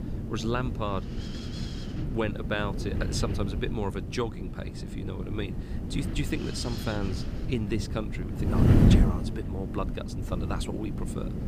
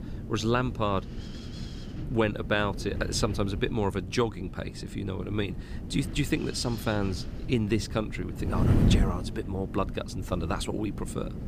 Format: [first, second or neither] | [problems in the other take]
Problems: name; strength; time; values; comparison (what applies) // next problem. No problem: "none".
second | wind noise on the microphone; heavy; 3 dB below the speech; occasional gusts in the second